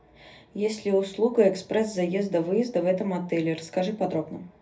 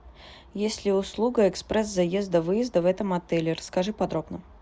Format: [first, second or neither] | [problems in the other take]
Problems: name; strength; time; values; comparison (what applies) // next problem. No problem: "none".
second | room echo; dies away in 0.3 s